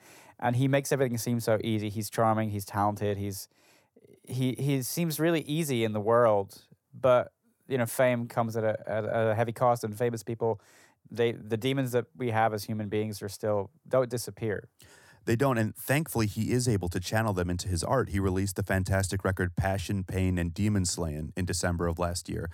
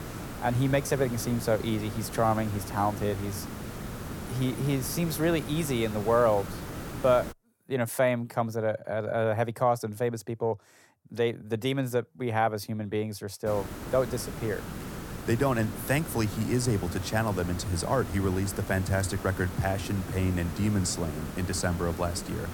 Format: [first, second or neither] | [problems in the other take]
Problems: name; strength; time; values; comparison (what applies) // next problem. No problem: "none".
first | hiss; loud; until 7.5 s and from 13 s on; 10 dB below the speech